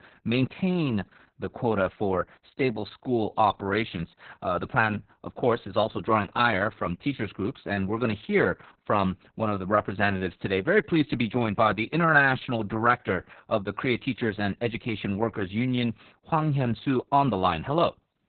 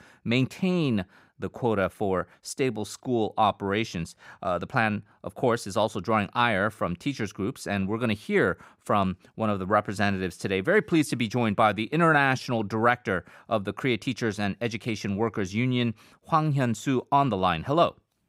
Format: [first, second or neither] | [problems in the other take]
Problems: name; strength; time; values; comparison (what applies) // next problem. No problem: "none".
second | garbled, watery; badly; nothing above 4 kHz